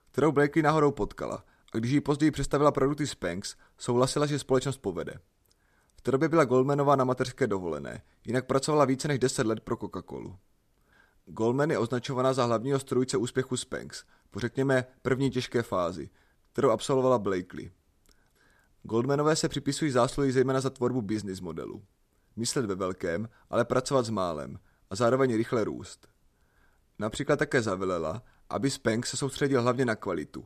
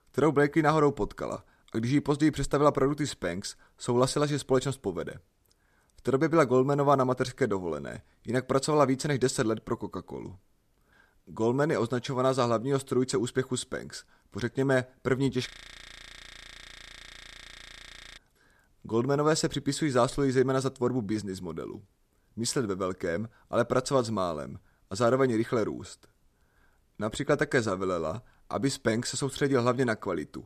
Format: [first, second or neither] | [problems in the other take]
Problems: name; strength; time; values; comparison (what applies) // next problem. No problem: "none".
first | audio freezing; at 15 s for 2.5 s